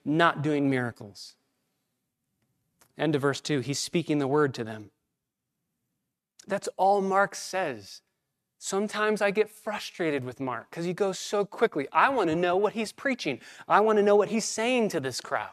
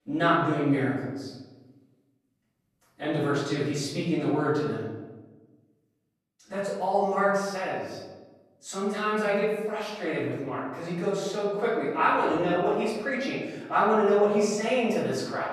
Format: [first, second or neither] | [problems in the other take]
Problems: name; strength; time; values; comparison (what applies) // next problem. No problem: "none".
first | off-mic speech; far // room echo; noticeable; dies away in 1.2 s